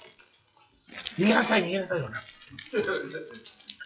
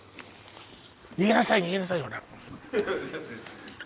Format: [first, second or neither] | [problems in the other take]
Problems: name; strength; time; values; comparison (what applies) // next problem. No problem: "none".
second | noise reduction (classical method WPE with log-MMSE)